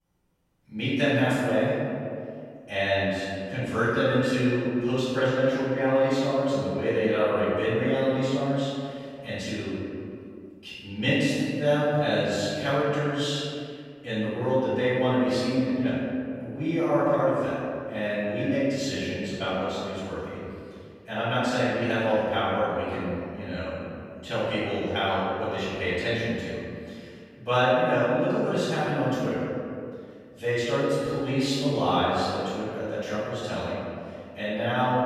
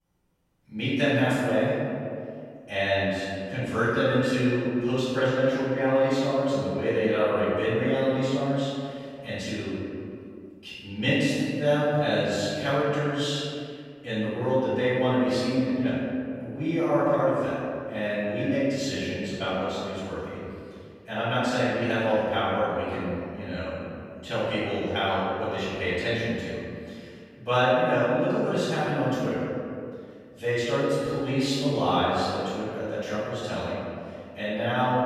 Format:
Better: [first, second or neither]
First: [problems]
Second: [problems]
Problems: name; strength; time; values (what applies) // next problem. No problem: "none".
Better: neither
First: room echo; strong; dies away in 2.3 s // off-mic speech; far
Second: room echo; strong; dies away in 2.3 s // off-mic speech; far